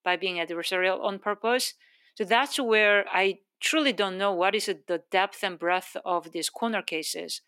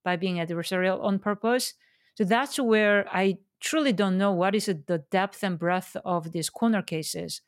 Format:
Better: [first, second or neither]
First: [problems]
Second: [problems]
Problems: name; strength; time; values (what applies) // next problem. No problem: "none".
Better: second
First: thin; somewhat; fading below 300 Hz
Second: none